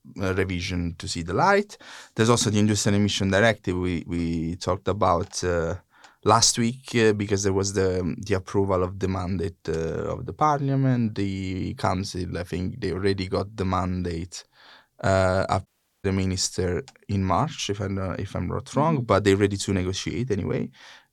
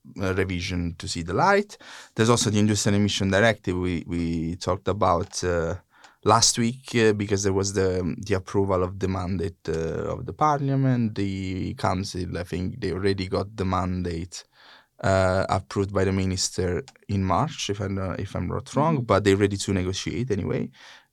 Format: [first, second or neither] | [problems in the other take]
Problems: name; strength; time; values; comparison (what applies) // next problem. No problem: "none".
second | audio cutting out; at 16 s